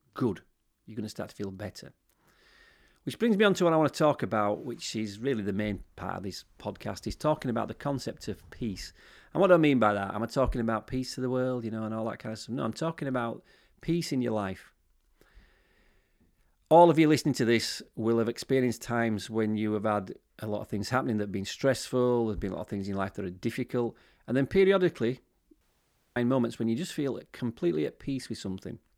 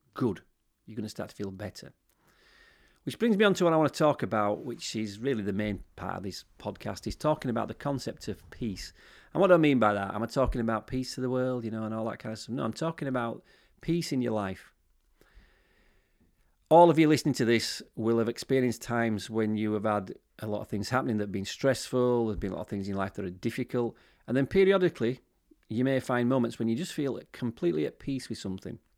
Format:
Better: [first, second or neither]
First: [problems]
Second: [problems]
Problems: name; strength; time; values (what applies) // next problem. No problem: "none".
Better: second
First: audio cutting out; at 26 s for 0.5 s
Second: none